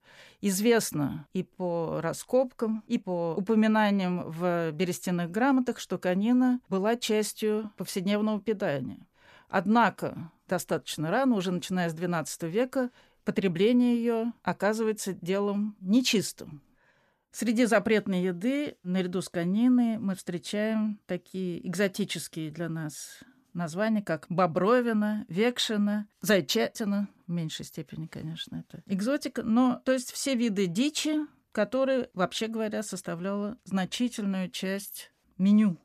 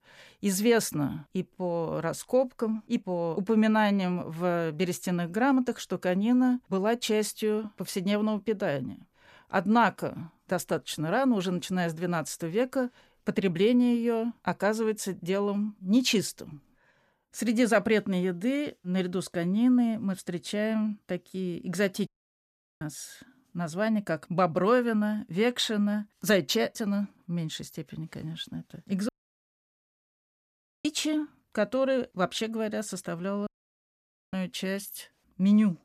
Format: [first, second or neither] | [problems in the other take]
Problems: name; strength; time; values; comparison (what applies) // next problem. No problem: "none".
first | audio cutting out; at 22 s for 0.5 s, at 29 s for 2 s and at 33 s for 1 s